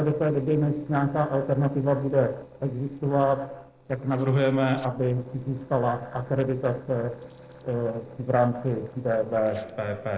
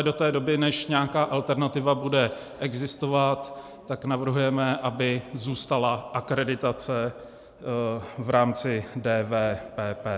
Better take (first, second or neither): second